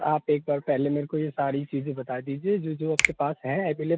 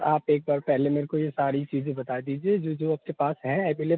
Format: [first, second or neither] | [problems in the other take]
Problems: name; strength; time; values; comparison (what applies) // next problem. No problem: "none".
second | background sound (Finger snapping); 4 dB below the speech